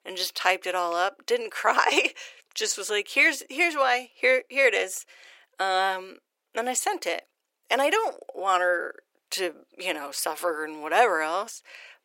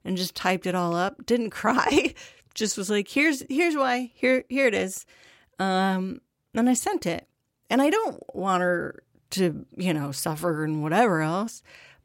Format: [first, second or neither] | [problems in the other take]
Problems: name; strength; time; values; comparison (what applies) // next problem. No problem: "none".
second | thin; very; fading below 450 Hz